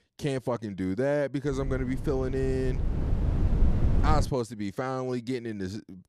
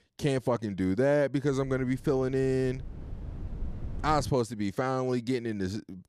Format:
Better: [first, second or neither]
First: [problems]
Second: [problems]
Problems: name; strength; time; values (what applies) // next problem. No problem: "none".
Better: second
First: wind noise on the microphone; heavy; from 1.5 to 4 s; 9 dB below the speech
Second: wind noise on the microphone; occasional gusts; from 1.5 to 4 s; 25 dB below the speech